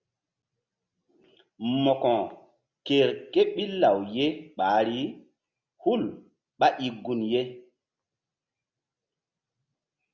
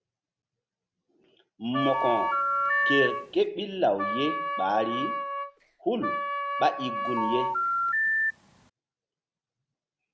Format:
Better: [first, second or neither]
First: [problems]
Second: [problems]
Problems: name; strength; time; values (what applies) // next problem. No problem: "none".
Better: first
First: none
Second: background sound (Wind instrument, woodwind instrument + Telephone); 2 dB above the speech